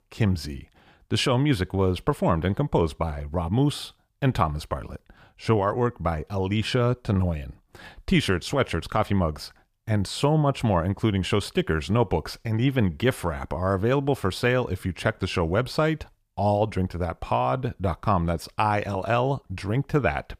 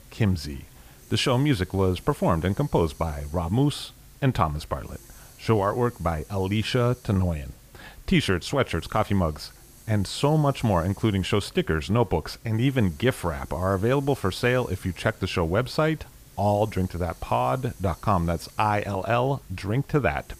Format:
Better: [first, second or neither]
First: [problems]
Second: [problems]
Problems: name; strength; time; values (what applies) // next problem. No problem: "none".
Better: first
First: none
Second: hiss; faint; throughout; 25 dB below the speech